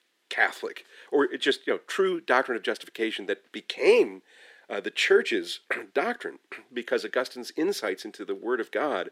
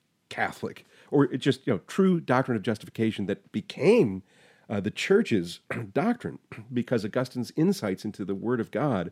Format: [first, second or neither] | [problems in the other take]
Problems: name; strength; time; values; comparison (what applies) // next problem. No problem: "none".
second | thin; somewhat; fading below 350 Hz